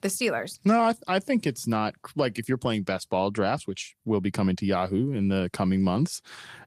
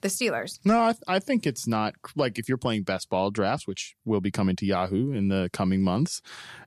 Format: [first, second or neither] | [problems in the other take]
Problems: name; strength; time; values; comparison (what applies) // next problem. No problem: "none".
second | garbled, watery; slightly